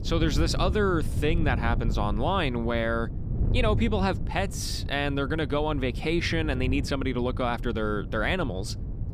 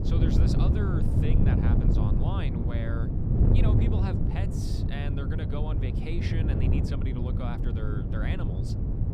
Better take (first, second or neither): first